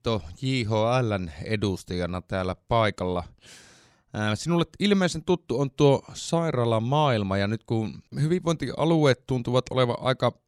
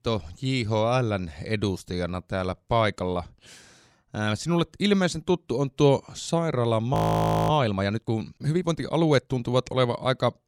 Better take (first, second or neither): first